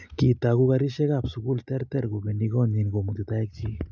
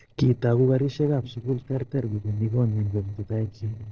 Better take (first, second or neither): first